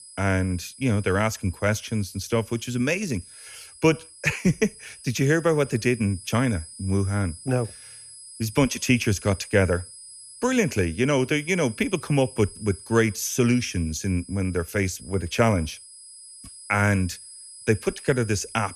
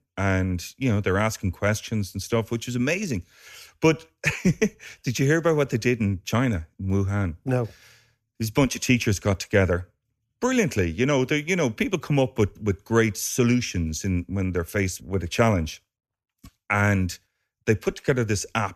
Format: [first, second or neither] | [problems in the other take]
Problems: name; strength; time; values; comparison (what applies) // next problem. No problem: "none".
second | high-pitched whine; noticeable; throughout; 10.5 kHz, 15 dB below the speech